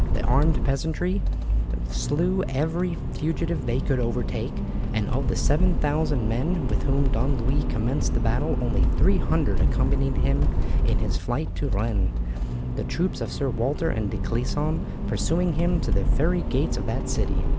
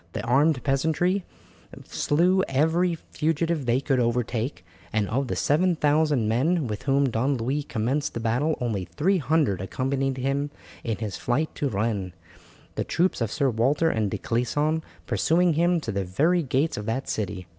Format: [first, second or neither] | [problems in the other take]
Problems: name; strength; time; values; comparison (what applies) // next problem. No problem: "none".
second | background sound (Accelerating, revving, vroom); 4 dB above the speech